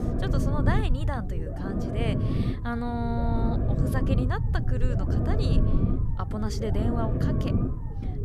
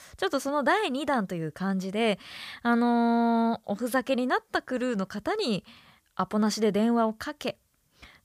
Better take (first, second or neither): second